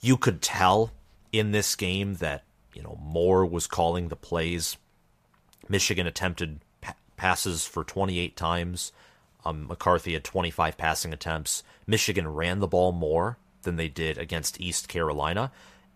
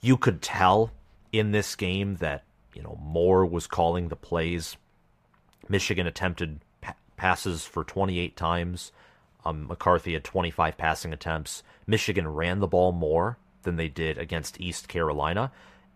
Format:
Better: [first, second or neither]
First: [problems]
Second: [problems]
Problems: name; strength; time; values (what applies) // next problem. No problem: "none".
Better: first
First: none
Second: muffled; slightly; fading above 3.5 kHz